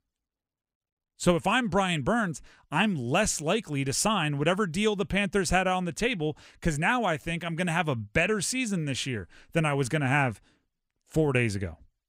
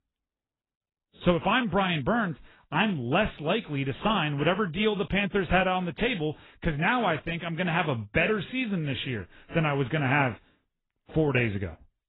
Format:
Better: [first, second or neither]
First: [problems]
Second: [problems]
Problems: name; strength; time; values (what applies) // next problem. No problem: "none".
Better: first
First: none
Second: garbled, watery; badly; nothing above 3.5 kHz